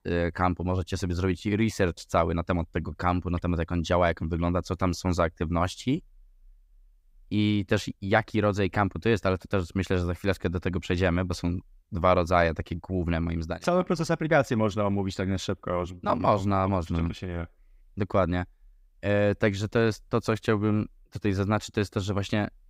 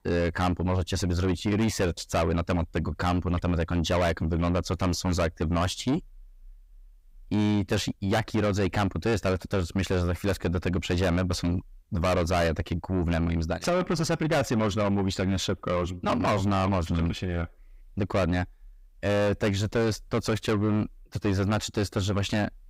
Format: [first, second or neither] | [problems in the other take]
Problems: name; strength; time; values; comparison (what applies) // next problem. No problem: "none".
first | distortion; heavy; 7 dB below the speech